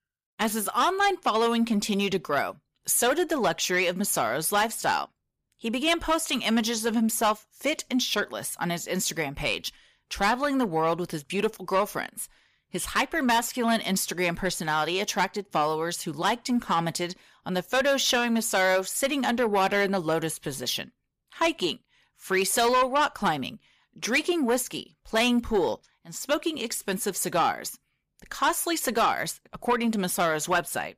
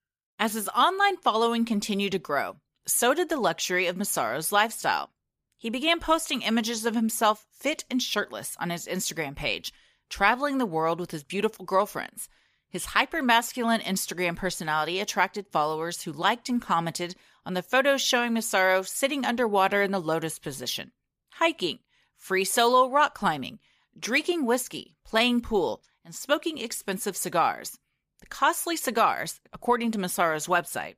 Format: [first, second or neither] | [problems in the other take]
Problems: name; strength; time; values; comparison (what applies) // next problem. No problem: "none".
second | distortion; slight; 10 dB below the speech